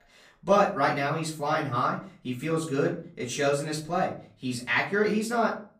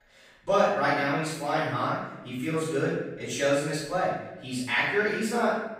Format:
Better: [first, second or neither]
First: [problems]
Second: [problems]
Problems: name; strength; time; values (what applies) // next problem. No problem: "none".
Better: first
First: room echo; slight; dies away in 0.4 s // off-mic speech; far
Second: room echo; strong; dies away in 0.8 s // off-mic speech; far